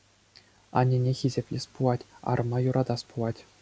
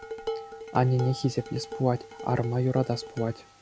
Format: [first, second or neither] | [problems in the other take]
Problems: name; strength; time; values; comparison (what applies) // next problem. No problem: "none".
first | background sound (Dishes, pots, and pans); 11 dB below the speech